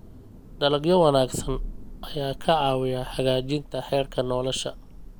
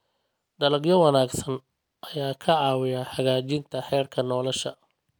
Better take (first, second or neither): second